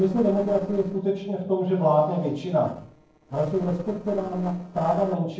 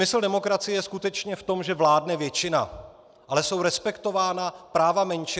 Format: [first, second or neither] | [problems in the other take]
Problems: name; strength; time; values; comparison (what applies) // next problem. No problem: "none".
second | noise reduction (neural separator model SepFormer DNS4)